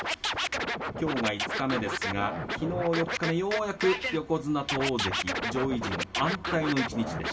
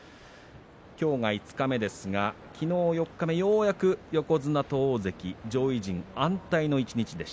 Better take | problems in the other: second | background sound (Scratching (performance technique)); 2 dB below the speech // room echo; dies away in 0.2 s

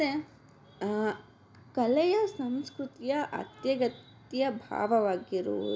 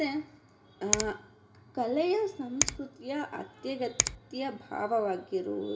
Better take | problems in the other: first | background sound (Finger snapping); 2 dB below the speech // room echo; dies away in 0.9 s

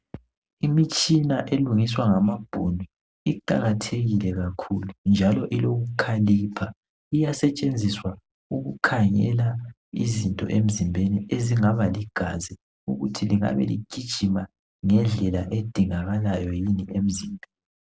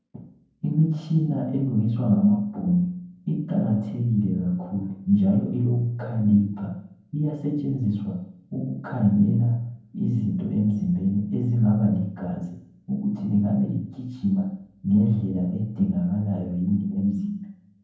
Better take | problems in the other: first | room echo; dies away in 0.9 s

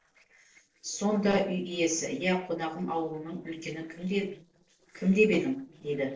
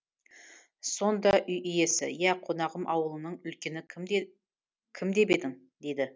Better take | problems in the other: second | noise reduction (neural separator model SepFormer DNS4)

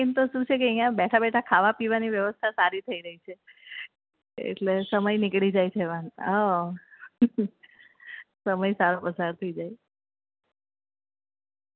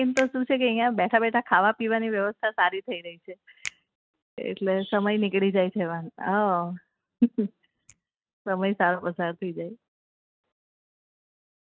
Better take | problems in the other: first | noise reduction (neural mask model RNNoise)

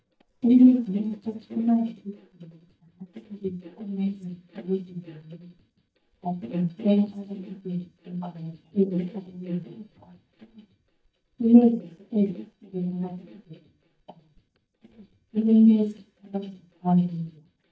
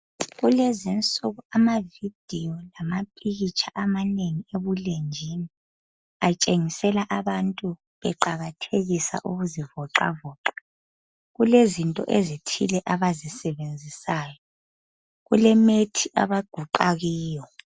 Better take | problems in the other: second | noise reduction (neural mask model DeepFilterNet 3)

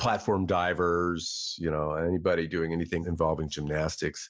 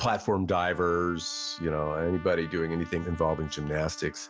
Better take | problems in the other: first | background sound (Trumpet); 19 dB below the speech

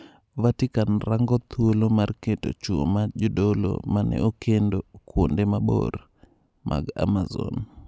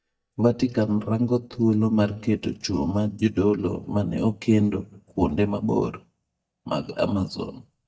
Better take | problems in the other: first | noise reduction (neural mask model DeepFilterNet 3)

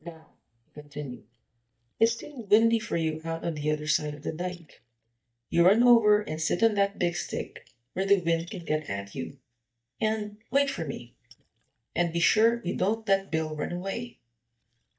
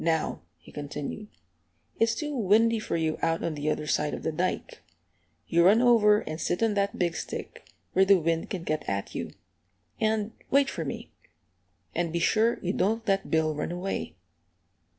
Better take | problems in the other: second | noise reduction (neural mask model DeepFilterNet 3)

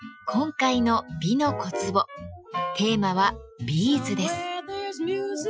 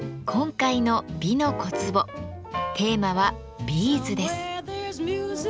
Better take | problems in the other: second | noise reduction (classical method Wiener filter)

